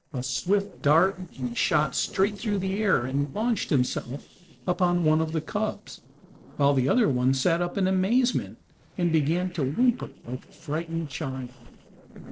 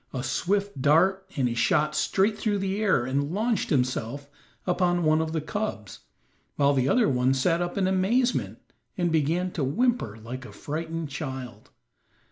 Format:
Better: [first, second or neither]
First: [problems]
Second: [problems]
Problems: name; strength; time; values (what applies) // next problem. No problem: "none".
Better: second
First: noise reduction (neural separator model SepFormer DNS4)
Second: none